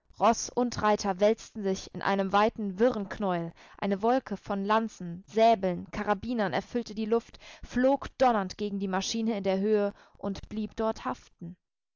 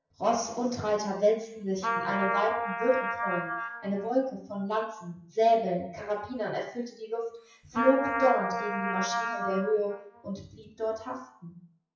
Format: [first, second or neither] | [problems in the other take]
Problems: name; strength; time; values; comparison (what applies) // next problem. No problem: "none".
first | noise reduction (classical method WPE with log-MMSE)